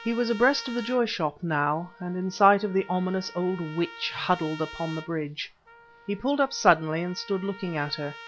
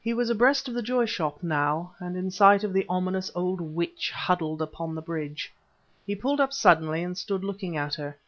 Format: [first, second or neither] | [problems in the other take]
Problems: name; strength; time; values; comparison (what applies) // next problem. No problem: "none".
second | background sound (Trumpet); 18 dB below the speech